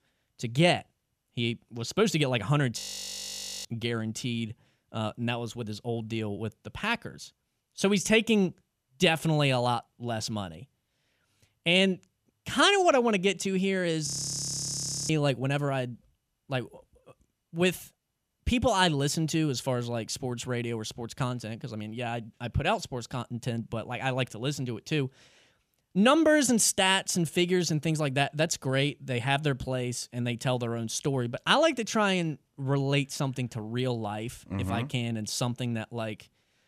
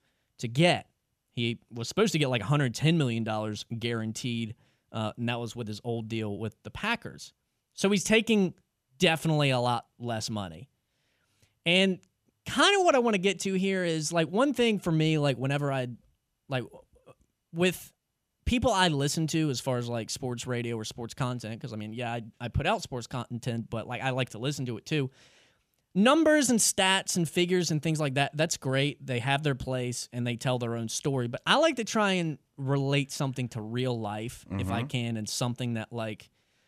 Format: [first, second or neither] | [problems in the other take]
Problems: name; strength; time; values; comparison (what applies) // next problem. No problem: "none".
second | audio freezing; at 3 s for 1 s and at 14 s for 1 s